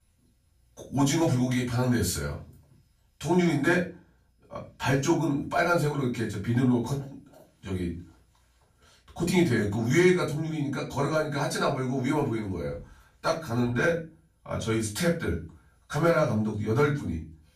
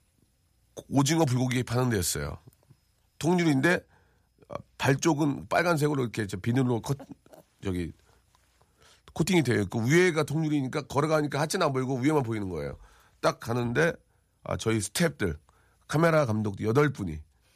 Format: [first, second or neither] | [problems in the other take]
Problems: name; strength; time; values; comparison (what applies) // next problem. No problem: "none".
second | off-mic speech; far // room echo; slight; dies away in 0.3 s